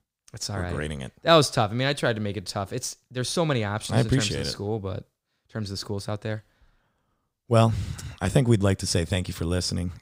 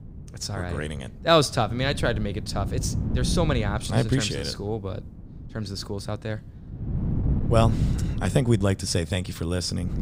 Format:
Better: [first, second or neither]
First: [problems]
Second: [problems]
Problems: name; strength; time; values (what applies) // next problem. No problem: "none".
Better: first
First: none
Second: wind noise on the microphone; occasional gusts; 15 dB below the speech